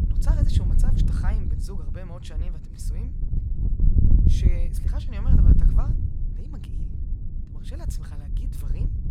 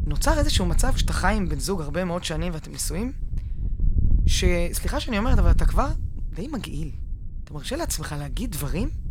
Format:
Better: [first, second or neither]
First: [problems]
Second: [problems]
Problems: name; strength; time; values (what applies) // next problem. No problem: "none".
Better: second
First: wind noise on the microphone; heavy; 3 dB above the speech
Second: wind noise on the microphone; occasional gusts; 15 dB below the speech